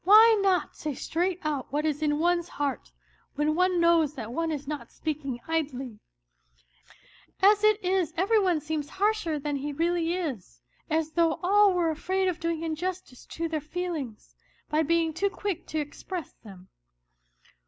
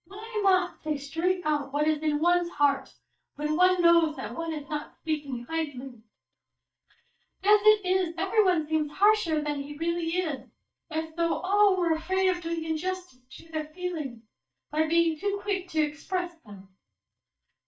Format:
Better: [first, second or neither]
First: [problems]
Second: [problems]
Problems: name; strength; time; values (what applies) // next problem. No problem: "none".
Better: first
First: none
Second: noise reduction (neural mask model DeepFilterNet 3)